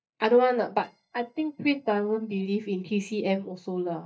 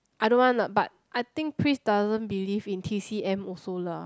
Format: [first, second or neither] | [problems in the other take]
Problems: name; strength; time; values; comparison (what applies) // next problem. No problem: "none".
second | noise reduction (neural mask model DeepFilterNet 3)